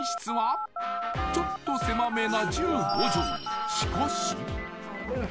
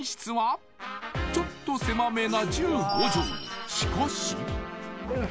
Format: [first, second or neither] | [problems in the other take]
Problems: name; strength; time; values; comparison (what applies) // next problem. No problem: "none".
second | background sound (Telephone); 3 dB below the speech